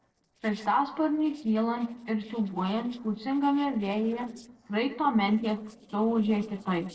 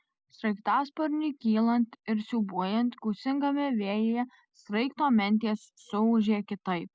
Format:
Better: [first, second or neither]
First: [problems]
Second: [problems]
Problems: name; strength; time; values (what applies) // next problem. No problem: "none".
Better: second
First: noise reduction (neural separator model SepFormer DNS4)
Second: none